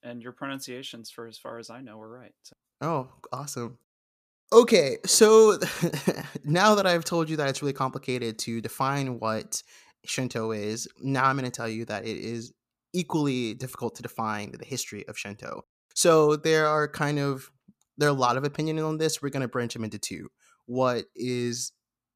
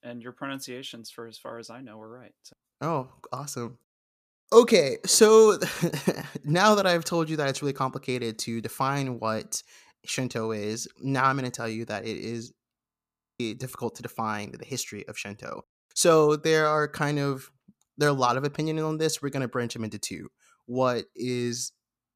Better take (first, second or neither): first